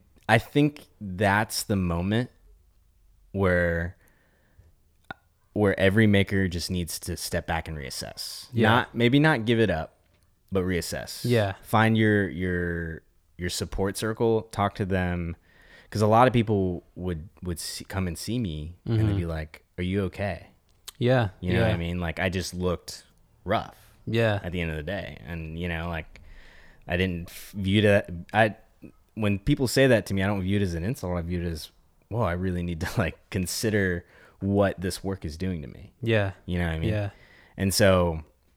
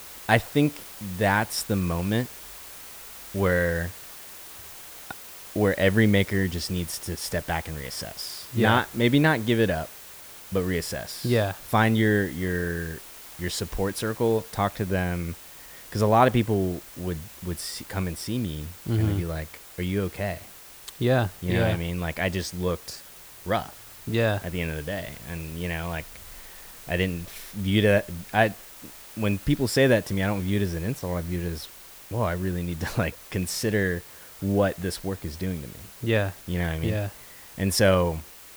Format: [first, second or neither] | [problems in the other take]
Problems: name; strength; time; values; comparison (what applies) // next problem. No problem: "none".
first | hiss; noticeable; throughout; 15 dB below the speech